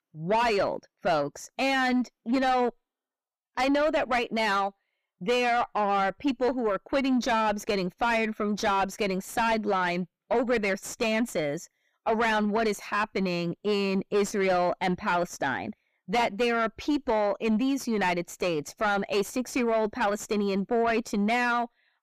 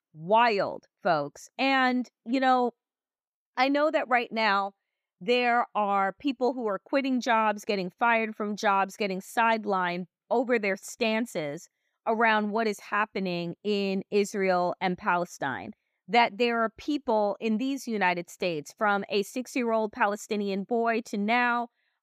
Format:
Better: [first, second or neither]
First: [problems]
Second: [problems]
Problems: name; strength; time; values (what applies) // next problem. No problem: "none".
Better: second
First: distortion; heavy; 7 dB below the speech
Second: none